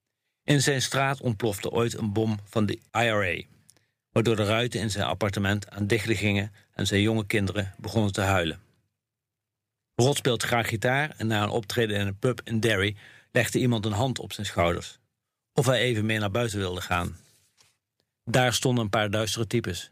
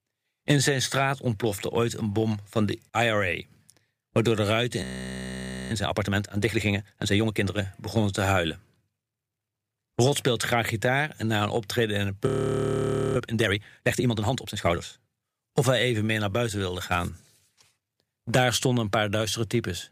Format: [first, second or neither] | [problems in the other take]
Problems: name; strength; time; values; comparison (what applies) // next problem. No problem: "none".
first | audio freezing; at 5 s for 1 s and at 12 s for 1 s